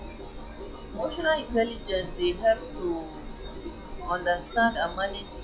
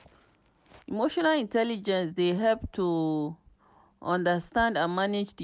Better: second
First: noise reduction (classical method log-MMSE)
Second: none

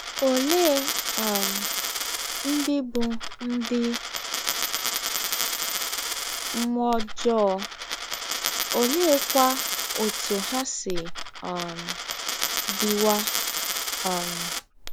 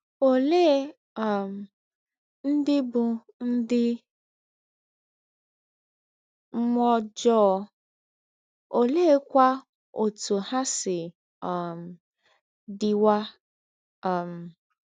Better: second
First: background sound (Coin (dropping)); 1 dB below the speech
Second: none

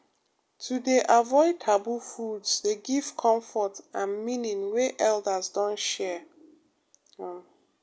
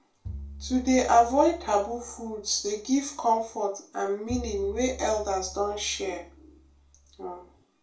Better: first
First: none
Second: background sound (Bowed string instrument); 16 dB below the speech // room echo; dies away in 0.3 s

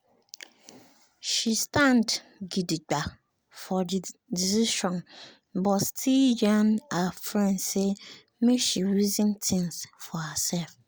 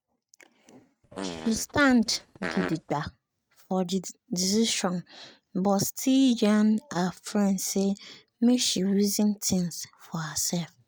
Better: first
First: none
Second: noise reduction (neural mask model RNNoise)

